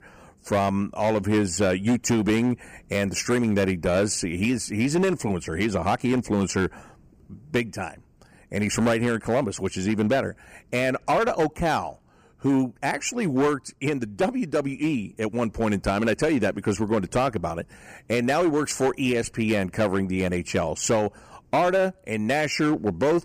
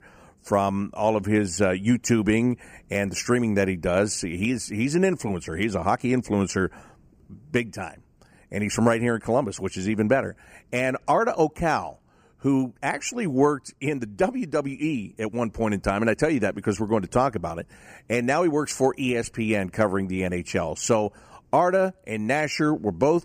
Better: second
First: distortion; slight; 8% of the sound clipped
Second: none

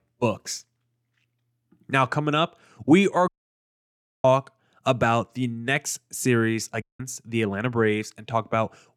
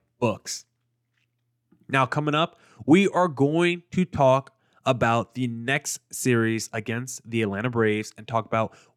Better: second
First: audio cutting out; at 3.5 s for 1 s and at 7 s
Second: none

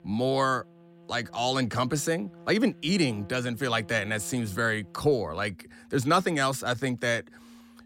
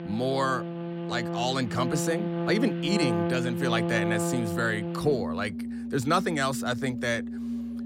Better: first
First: background music; faint; throughout; 25 dB below the speech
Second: background music; loud; throughout; 2 dB below the speech

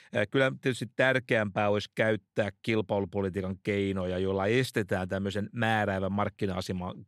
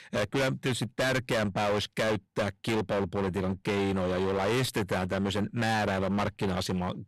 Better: first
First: none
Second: distortion; heavy; 28% of the sound clipped

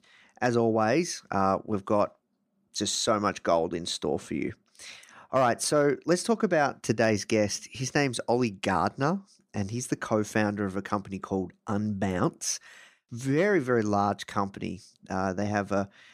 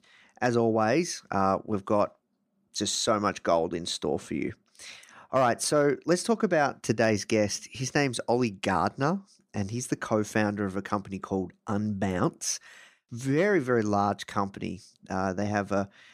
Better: neither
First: none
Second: none

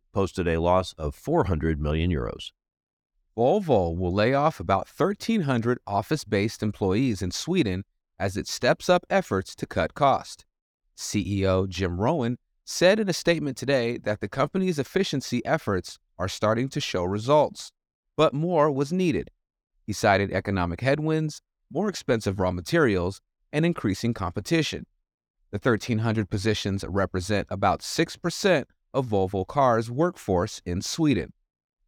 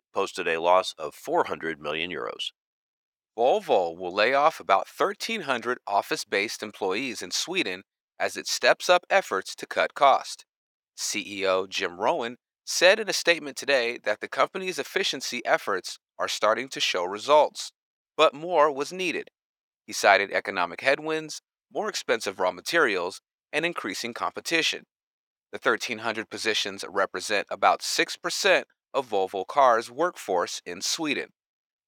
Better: first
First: none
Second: thin; very; fading below 550 Hz

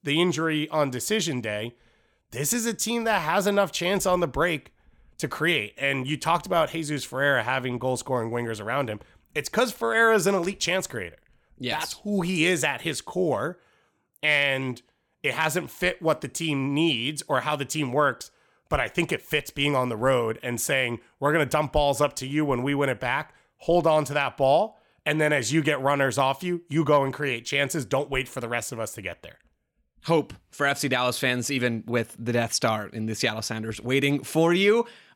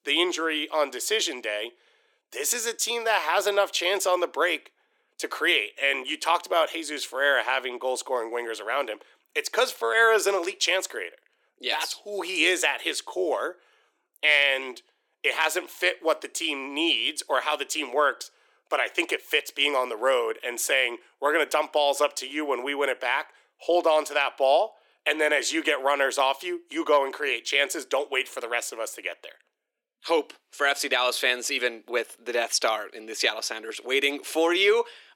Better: first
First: none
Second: thin; very; fading below 350 Hz

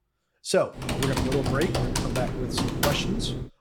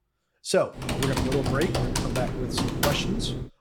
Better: neither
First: keyboard typing; loud; from 1 s on; peak 4 dB above the speech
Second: keyboard typing; loud; from 1 s on; peak 4 dB above the speech

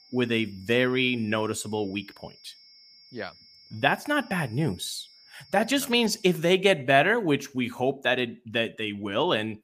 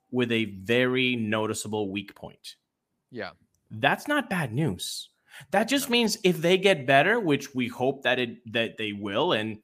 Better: second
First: high-pitched whine; faint; until 6.5 s; 5.5 kHz, 25 dB below the speech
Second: none

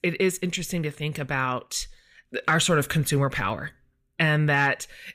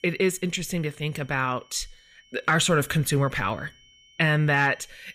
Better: first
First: none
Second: high-pitched whine; faint; throughout; 3 kHz, 30 dB below the speech

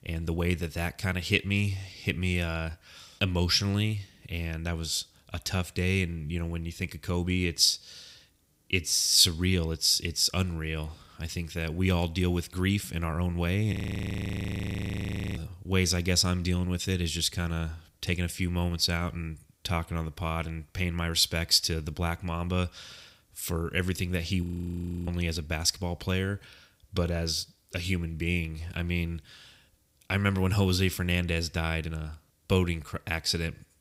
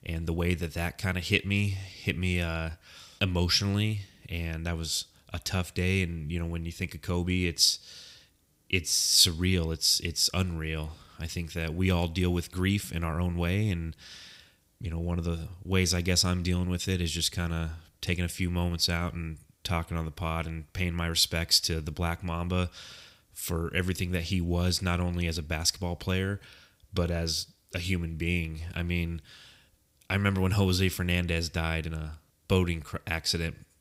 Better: second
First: audio freezing; at 14 s for 1.5 s and at 24 s for 0.5 s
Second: none

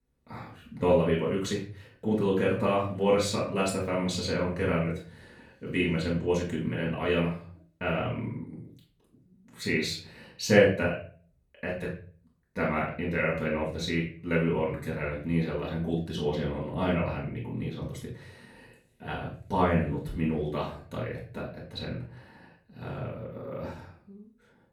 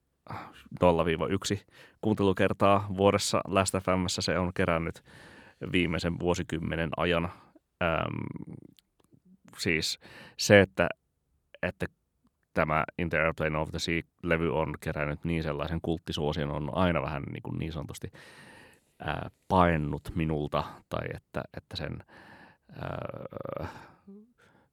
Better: second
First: off-mic speech; far // room echo; slight; dies away in 0.4 s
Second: none

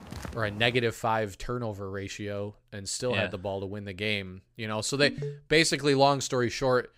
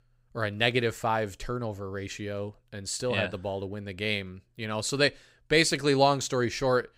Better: second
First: footsteps; faint; at the start; peak 15 dB below the speech // phone ringing; noticeable; at 5 s; peak 8 dB below the speech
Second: none

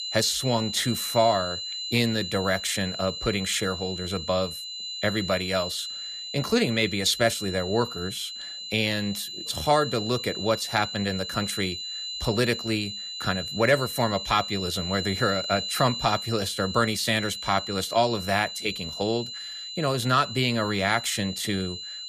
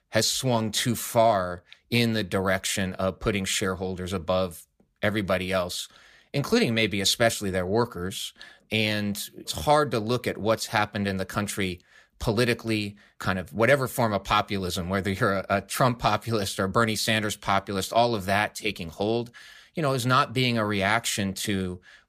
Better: second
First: high-pitched whine; loud; throughout; 4 kHz, 6 dB below the speech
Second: none

